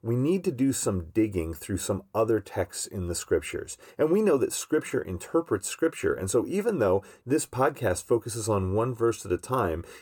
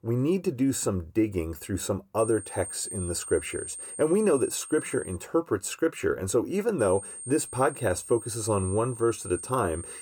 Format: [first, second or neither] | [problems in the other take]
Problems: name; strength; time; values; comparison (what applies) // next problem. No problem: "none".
first | high-pitched whine; loud; from 2 to 5 s and from 7 s on; 8.5 kHz, 10 dB below the speech